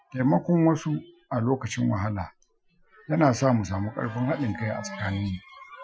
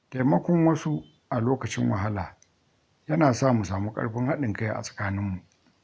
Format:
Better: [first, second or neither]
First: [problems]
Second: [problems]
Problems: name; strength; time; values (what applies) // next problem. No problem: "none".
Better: second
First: noise reduction (classical method Wiener filter)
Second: none